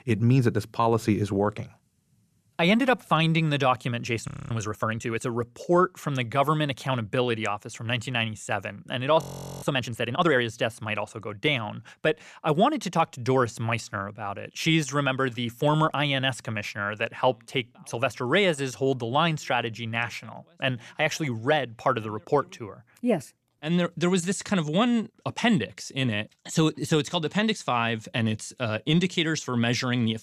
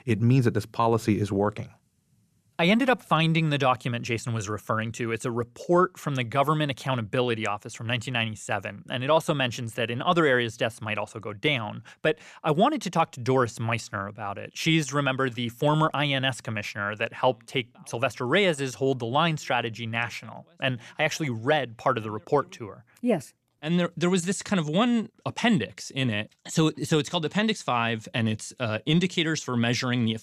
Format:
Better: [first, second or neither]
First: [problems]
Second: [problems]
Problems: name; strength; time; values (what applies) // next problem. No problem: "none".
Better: second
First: audio freezing; at 4.5 s and at 9 s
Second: none